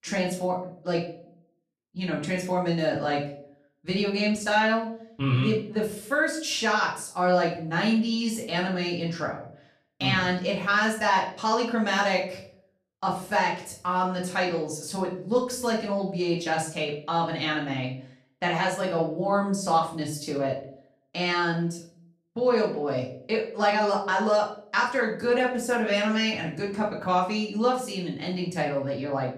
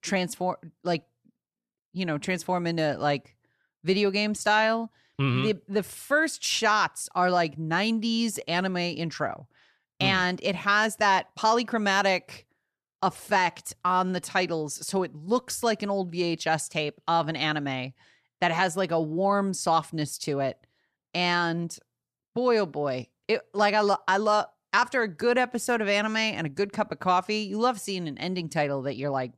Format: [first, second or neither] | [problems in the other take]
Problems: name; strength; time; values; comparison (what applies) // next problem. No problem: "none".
second | off-mic speech; far // room echo; slight; dies away in 0.4 s